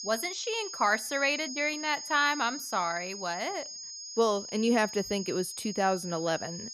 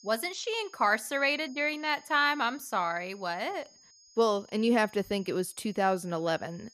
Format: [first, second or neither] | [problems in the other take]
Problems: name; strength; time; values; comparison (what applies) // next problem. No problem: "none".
second | high-pitched whine; loud; throughout; 6.5 kHz, 9 dB below the speech; faint in the second